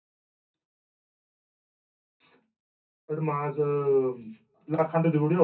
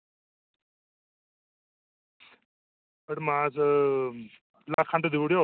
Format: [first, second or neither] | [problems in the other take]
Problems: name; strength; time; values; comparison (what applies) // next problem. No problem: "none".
second | room echo; dies away in 0.3 s